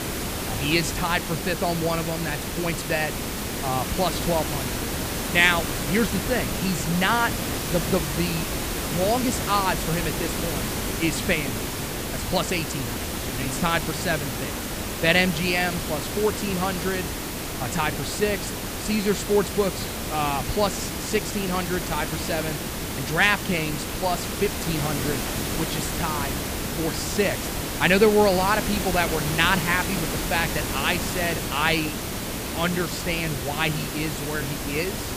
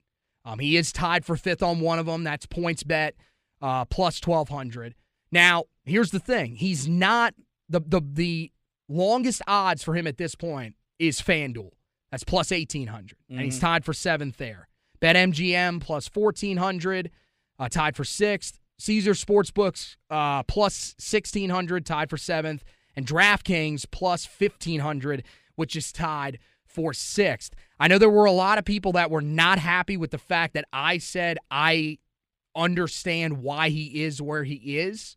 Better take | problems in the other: second | hiss; loud; throughout; 3 dB below the speech

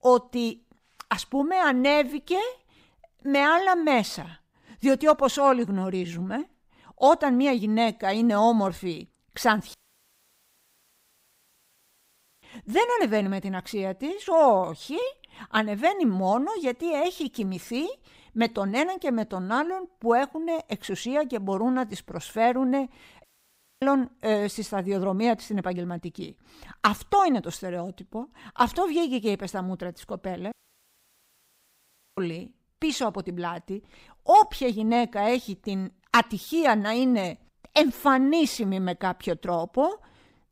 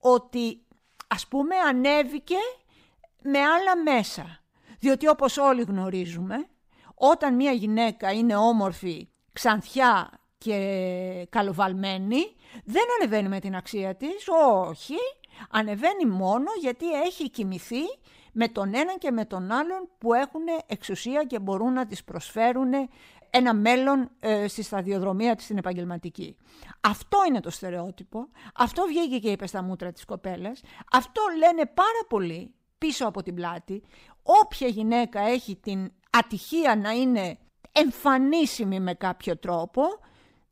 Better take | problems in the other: second | audio cutting out; at 9.5 s for 2.5 s, at 23 s for 0.5 s and at 31 s for 1.5 s

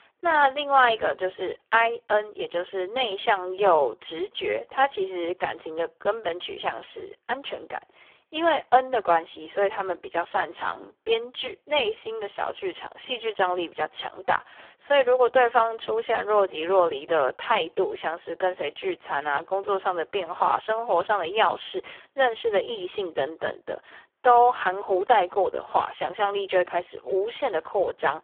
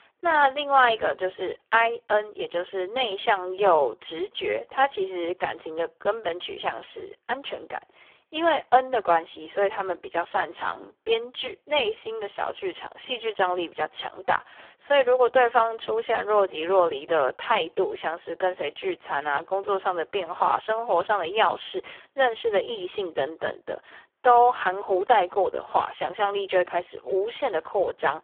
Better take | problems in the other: neither | phone-call audio; poor line; nothing above 3 kHz; the same in both

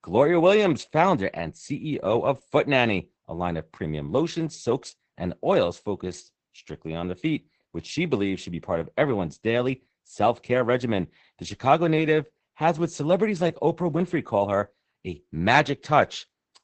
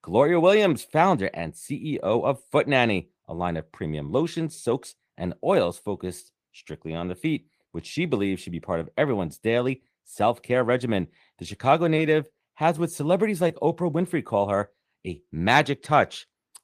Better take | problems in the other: second | garbled, watery; badly; nothing above 8 kHz; slightly in the second

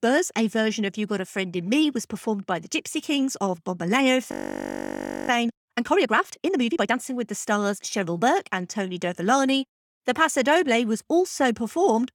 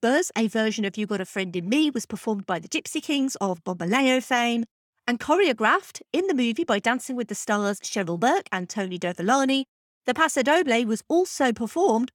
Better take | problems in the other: second | audio freezing; at 4.5 s for 1 s

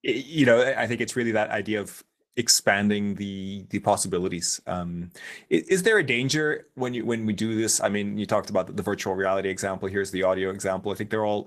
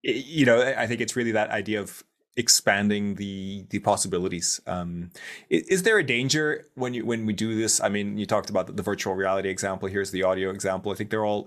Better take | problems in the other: second | garbled, watery; slightly; nothing above 14 kHz

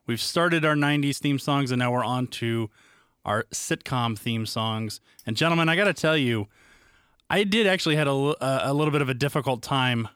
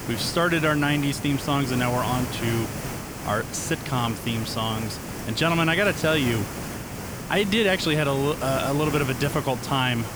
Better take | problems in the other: first | hiss; loud; throughout; 8 dB below the speech

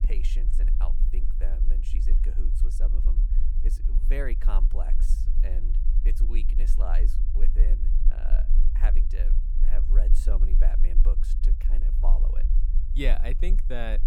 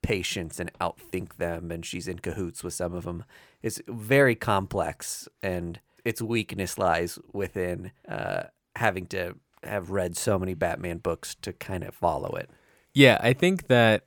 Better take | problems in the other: second | low rumble; loud; throughout; 9 dB below the speech

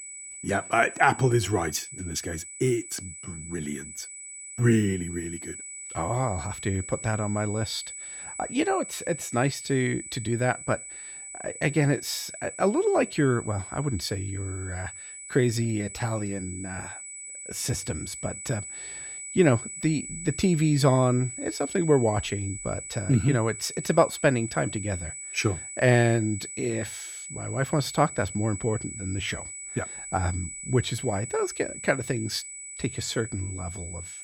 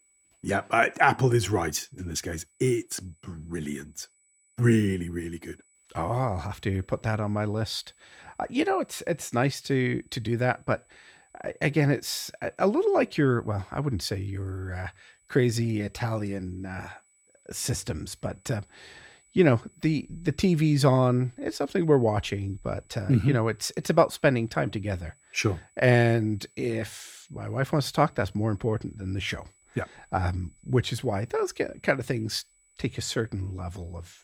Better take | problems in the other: second | high-pitched whine; loud; throughout; 8 kHz, 10 dB below the speech; faint in the second

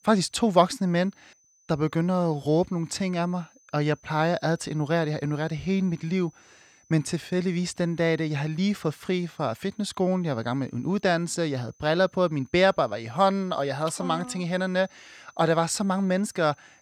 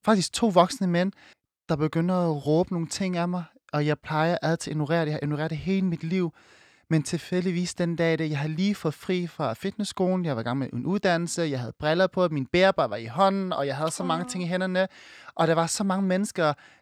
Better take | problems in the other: second | high-pitched whine; faint; throughout; 6 kHz, 30 dB below the speech

